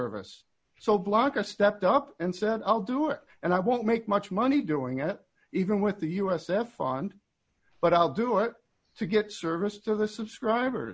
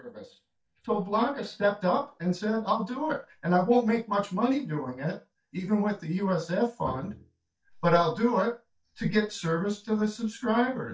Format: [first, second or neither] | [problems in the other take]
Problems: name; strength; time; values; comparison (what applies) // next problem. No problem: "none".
first | noise reduction (neural mask model DeepFilterNet 3)